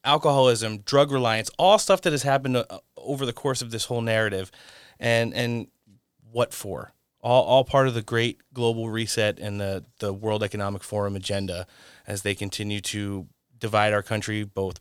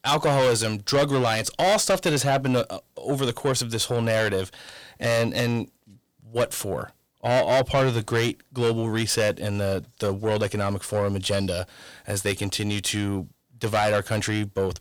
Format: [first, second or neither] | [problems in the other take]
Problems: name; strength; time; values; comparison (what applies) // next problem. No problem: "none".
first | distortion; heavy; 6 dB below the speech